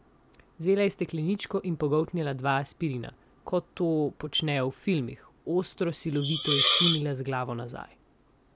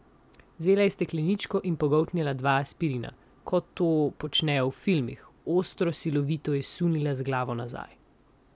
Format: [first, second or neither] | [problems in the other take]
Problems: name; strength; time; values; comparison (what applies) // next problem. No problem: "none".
second | background sound (Hiss); 3 dB above the speech